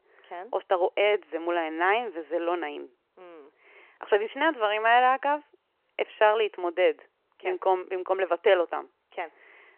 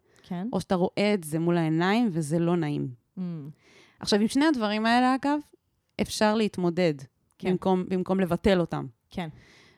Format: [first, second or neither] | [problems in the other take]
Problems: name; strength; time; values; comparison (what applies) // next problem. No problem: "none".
second | phone-call audio; nothing above 3 kHz